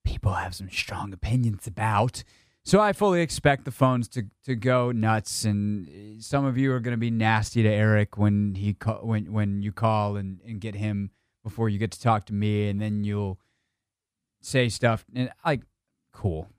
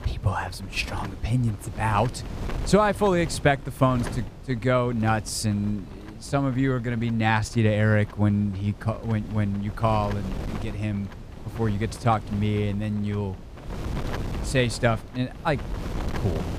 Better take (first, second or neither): first